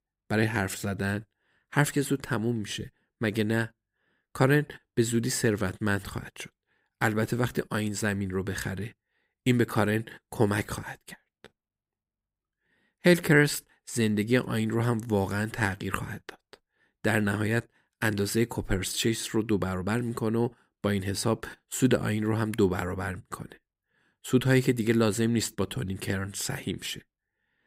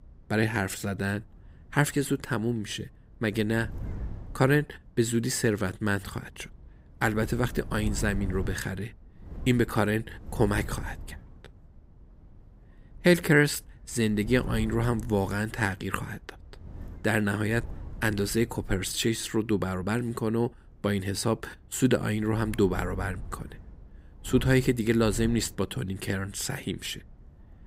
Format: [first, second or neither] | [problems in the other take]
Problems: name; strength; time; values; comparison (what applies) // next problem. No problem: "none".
first | wind noise on the microphone; occasional gusts; 25 dB below the speech